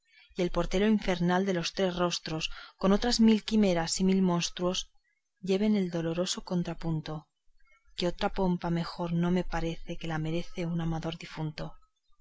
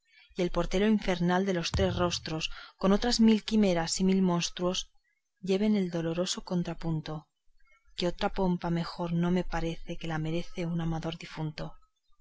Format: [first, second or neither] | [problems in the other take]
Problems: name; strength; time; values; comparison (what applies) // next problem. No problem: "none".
first | background sound (Thump, thud); 10 dB below the speech